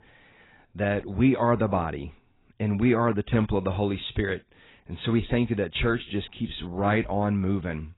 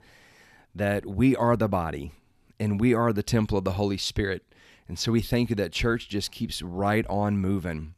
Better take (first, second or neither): second